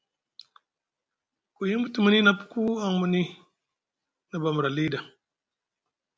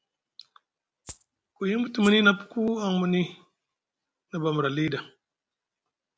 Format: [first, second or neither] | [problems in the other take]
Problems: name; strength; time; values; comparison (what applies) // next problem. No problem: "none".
first | background sound (Rattle (instrument)); 19 dB below the speech